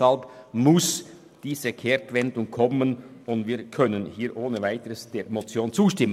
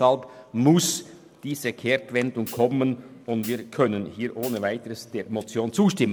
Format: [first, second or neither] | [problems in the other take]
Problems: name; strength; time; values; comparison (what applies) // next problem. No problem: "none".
first | background sound (Hi-hat); 19 dB below the speech